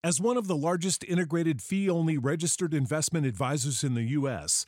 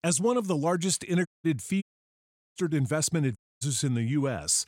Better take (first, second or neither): first